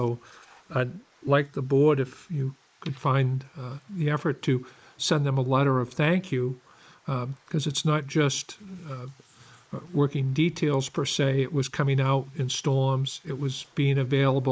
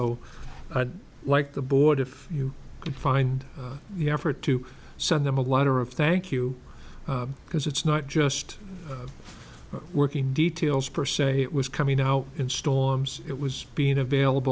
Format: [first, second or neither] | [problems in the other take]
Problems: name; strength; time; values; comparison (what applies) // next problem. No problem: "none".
second | noise reduction (neural mask model Resemble Enhance denoiser)